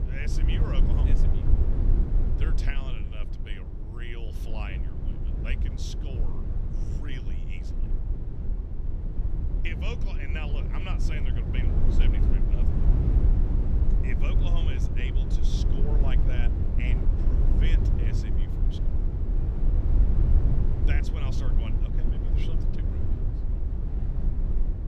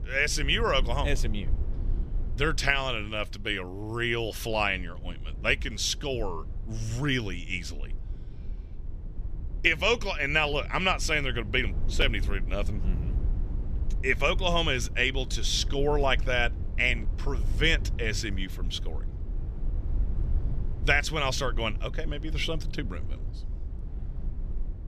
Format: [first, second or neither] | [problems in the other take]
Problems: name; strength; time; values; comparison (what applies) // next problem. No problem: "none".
second | low rumble; loud; throughout; 1 dB below the speech; faint in the second